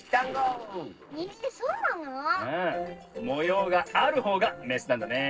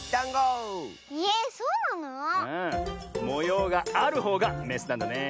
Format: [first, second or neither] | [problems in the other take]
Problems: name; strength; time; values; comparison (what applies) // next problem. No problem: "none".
second | noise reduction (neural separator model SepFormer DNS4)